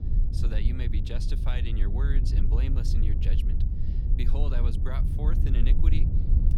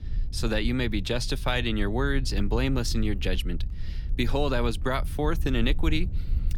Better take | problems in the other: second | low rumble; loud; throughout; 2 dB below the speech; faint in the second

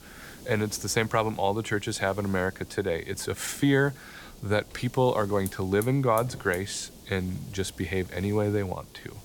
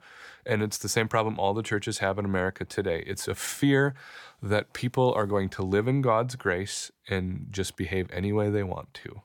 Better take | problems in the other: second | hiss; noticeable; throughout; 20 dB below the speech

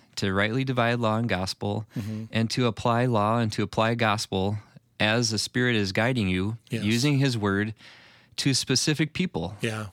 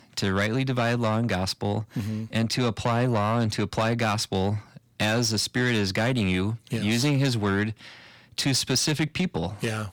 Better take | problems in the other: first | distortion; slight; 10 dB below the speech

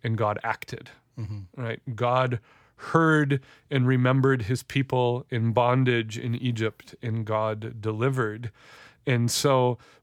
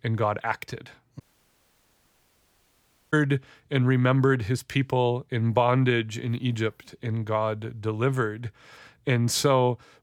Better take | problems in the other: first | audio cutting out; at 1 s for 2 s

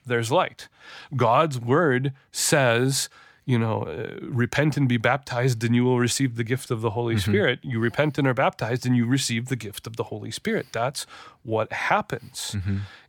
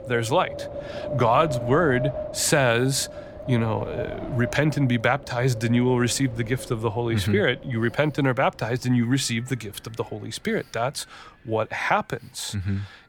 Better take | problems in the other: first | wind in the background; noticeable; throughout; 10 dB below the speech

